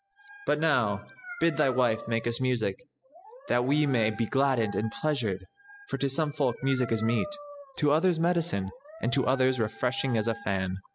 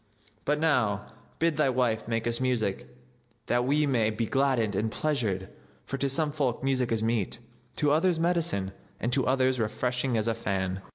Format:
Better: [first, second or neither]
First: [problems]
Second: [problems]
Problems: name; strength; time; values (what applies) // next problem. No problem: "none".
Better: second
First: noise reduction (classical method spectral subtraction)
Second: none